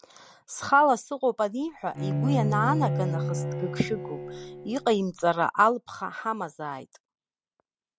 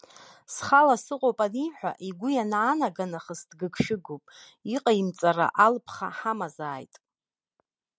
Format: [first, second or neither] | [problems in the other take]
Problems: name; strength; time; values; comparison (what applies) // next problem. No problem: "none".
second | background sound (Bowed string instrument); 2 dB below the speech